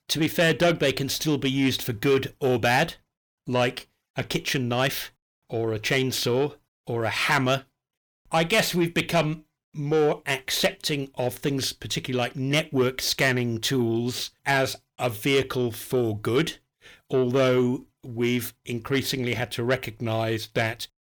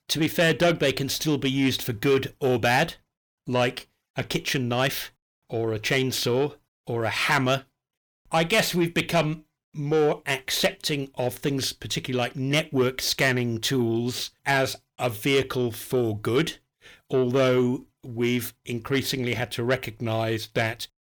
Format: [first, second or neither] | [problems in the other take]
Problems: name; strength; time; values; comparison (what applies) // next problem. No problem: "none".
neither | distortion; slight; 10 dB below the speech; the same in both